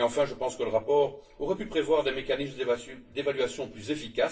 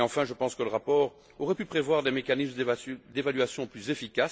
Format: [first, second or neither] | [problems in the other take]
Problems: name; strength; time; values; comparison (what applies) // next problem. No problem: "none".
second | room echo; dies away in 0.3 s